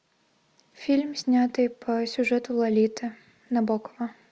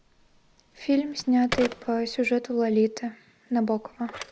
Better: first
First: none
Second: background sound (Telephone); 14 dB below the speech

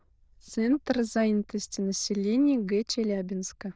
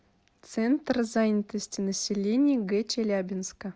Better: second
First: noise reduction (neural diffusion model UNIVERSE++)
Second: none

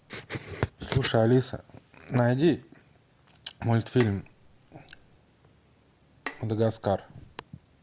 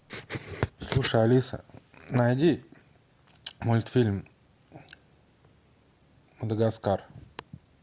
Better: second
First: background sound (Bowed string instrument); 16 dB below the speech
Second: none

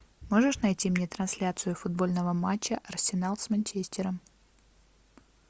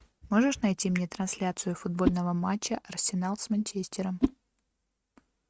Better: first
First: none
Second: noise reduction (neural mask model RNNoise)

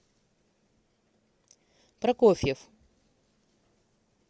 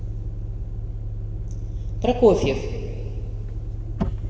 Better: first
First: none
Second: background sound (Motor vehicle (road)); 2 dB below the speech // room echo; dies away in 1.9 s

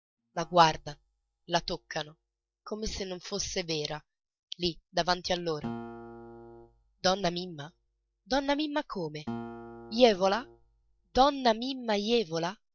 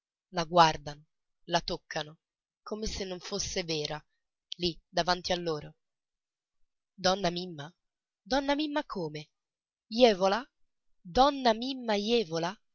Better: second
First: noise reduction (neural mask model DeepFilterNet 3)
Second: none

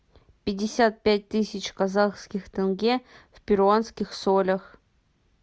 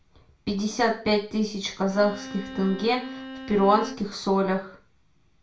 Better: first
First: none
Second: background sound (Bowed string instrument); 14 dB below the speech // room echo; dies away in 0.4 s

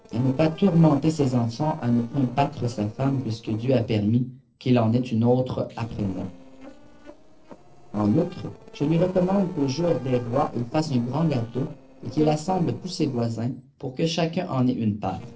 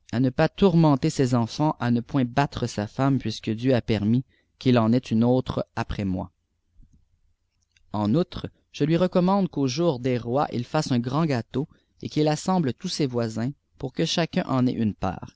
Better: second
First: noise reduction (neural separator model SepFormer DNS4)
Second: none

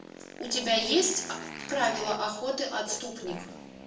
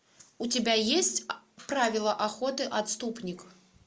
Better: second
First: background sound (Motorcycle); 12 dB below the speech // room echo; dies away in 0.7 s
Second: none

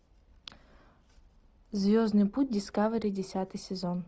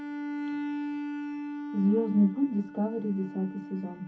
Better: first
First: none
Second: background sound (Bowed string instrument); 6 dB below the speech // room echo; dies away in 0.3 s

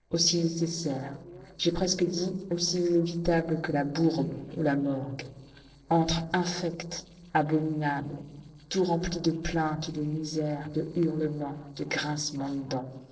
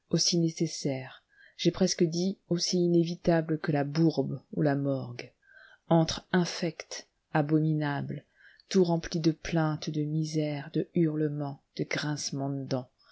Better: second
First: noise reduction (neural separator model SepFormer DNS4)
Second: none

